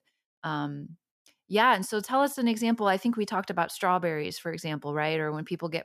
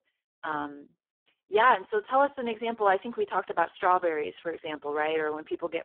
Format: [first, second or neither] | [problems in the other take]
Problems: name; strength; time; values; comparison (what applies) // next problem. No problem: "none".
first | phone-call audio; poor line